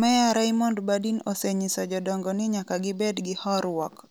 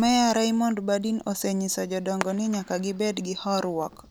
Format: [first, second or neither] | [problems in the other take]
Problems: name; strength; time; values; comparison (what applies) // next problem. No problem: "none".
first | background sound (Fireworks); 19 dB below the speech